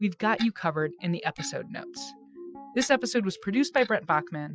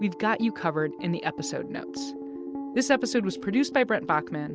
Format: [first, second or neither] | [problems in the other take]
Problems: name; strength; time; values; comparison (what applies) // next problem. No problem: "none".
second | noise reduction (classical method Wiener filter)